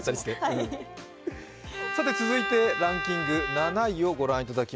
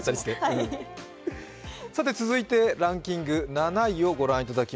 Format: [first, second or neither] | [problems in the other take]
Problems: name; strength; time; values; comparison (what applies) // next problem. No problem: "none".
second | background sound (Bowed string instrument); 4 dB below the speech